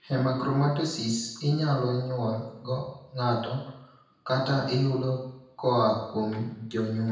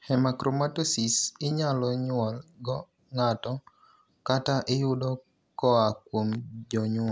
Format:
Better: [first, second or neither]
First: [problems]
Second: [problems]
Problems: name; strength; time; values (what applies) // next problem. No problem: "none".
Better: second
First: room echo; dies away in 0.9 s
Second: none